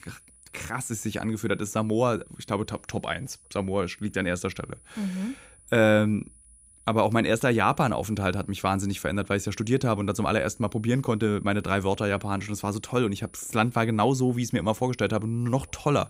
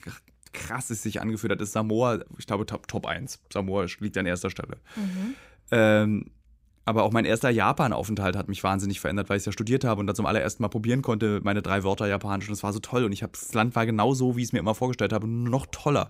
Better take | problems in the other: second | high-pitched whine; faint; throughout; 9.5 kHz, 25 dB below the speech

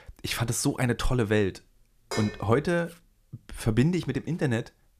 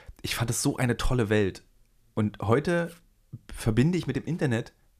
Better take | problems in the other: second | clattering dishes; noticeable; at 2 s; peak 8 dB below the speech

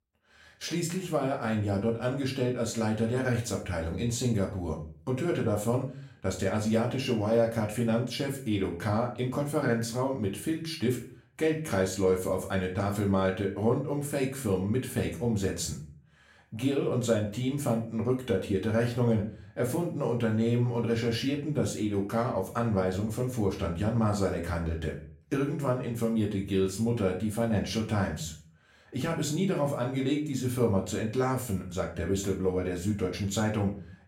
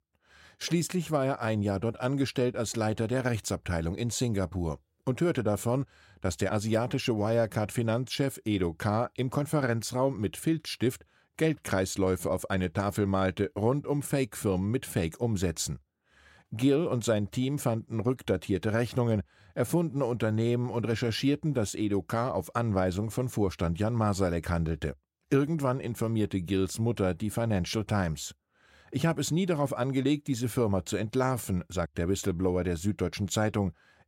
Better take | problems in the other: second | room echo; slight; dies away in 0.4 s // off-mic speech; far

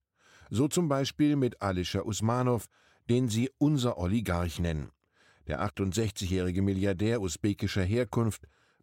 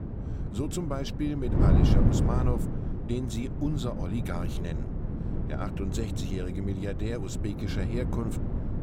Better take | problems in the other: first | wind noise on the microphone; heavy; 2 dB below the speech

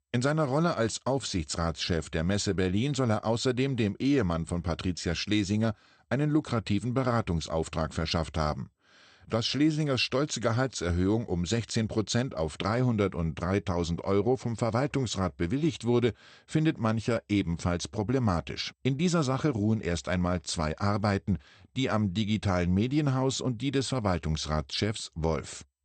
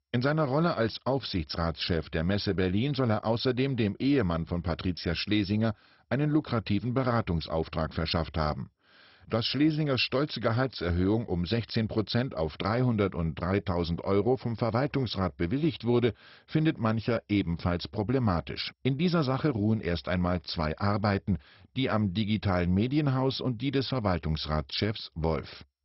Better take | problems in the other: first | garbled, watery; badly; nothing above 5.5 kHz; slightly in the first

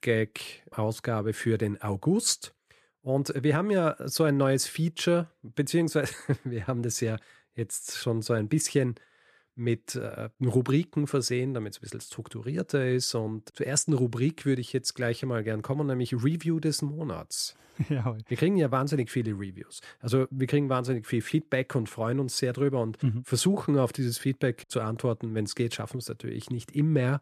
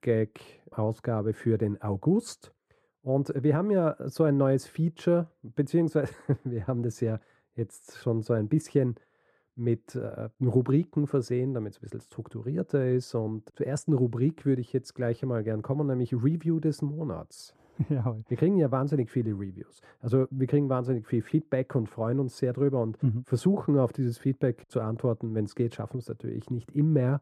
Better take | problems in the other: first | muffled; very; fading above 1.5 kHz

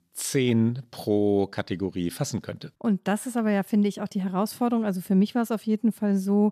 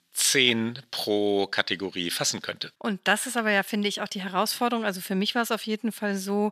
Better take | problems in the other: first | thin; somewhat; fading below 750 Hz

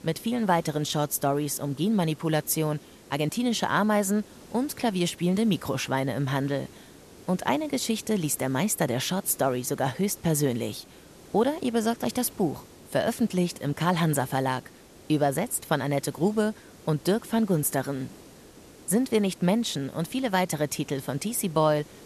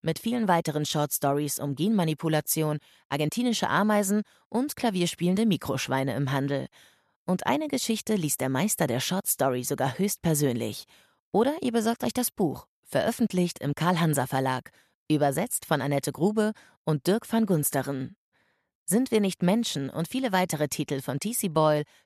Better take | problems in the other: second | hiss; faint; throughout; 20 dB below the speech

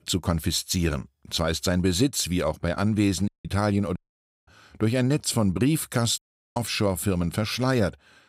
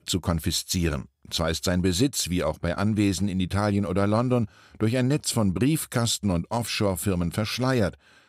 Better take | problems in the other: second | audio cutting out; at 3.5 s, at 4 s for 0.5 s and at 6 s

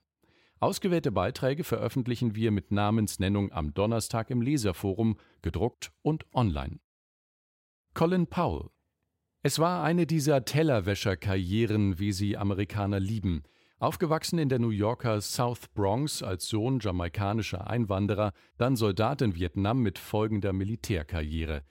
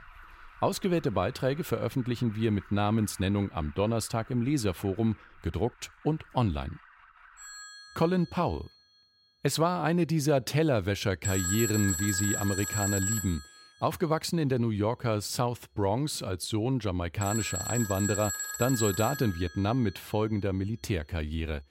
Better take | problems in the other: first | alarms or sirens; loud; throughout; 3 dB below the speech

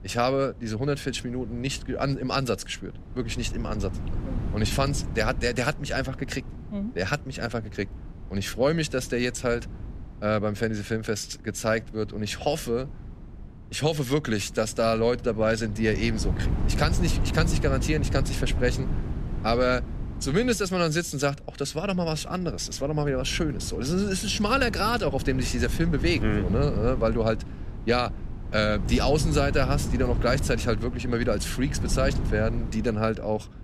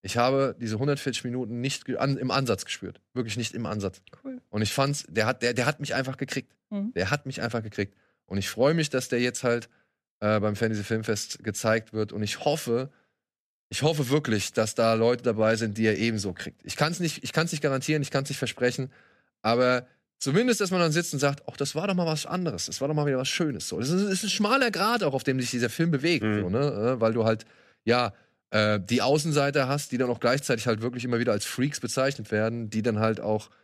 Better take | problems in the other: second | wind noise on the microphone; occasional gusts; 15 dB below the speech

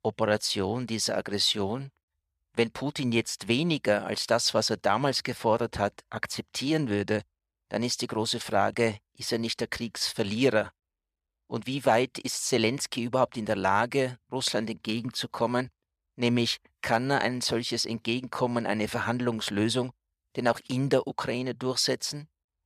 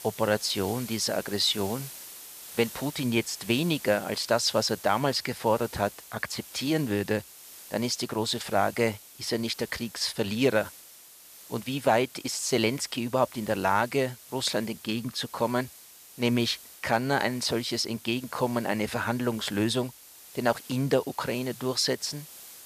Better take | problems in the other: first | hiss; noticeable; throughout; 15 dB below the speech

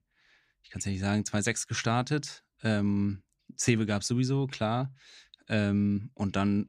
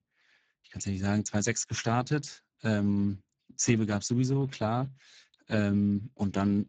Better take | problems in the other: first | garbled, watery; badly; nothing above 7.5 kHz

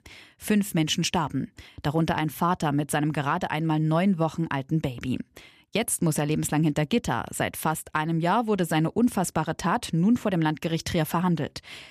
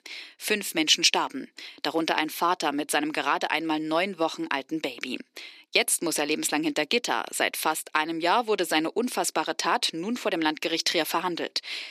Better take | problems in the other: first | thin; somewhat; fading below 350 Hz

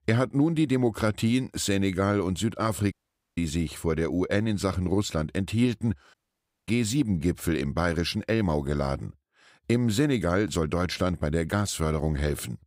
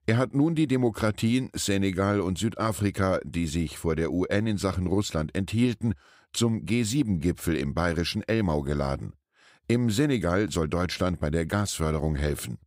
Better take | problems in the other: second | audio cutting out; at 3 s and at 6 s for 0.5 s

